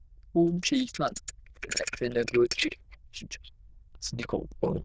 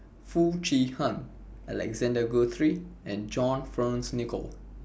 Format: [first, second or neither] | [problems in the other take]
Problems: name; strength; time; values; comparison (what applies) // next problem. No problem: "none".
second | noise reduction (neural diffusion model UNIVERSE++)